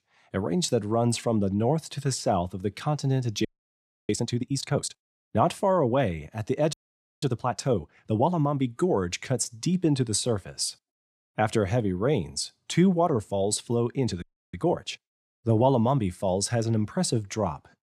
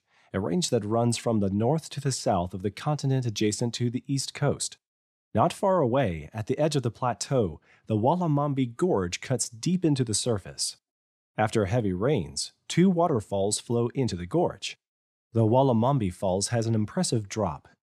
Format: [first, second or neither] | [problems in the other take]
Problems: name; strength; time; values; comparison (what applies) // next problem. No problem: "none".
second | audio freezing; at 3.5 s for 0.5 s, at 6.5 s and at 14 s